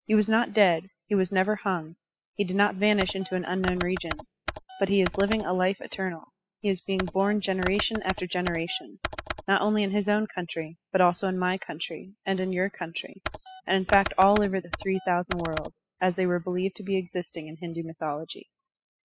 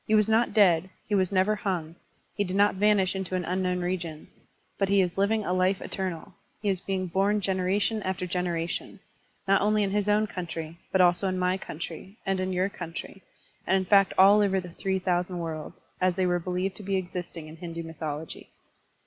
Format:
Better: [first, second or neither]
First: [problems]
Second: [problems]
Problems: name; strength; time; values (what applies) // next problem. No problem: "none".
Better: second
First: noise reduction (classical method spectral subtraction)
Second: none